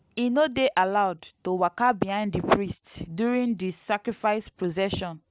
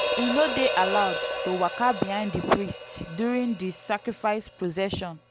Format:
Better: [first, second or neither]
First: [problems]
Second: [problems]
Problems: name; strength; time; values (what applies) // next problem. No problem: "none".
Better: first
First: none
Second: background sound (Hi-hat); 6 dB below the speech